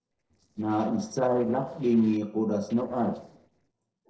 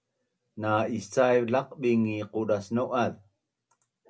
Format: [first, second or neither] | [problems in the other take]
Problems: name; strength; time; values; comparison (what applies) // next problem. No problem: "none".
second | noise reduction (neural separator model SepFormer DNS4)